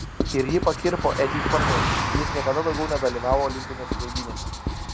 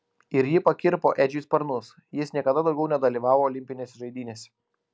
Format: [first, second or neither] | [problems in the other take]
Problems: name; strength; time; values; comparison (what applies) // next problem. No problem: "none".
second | background sound (Writing + Car passing by); 1 dB below the speech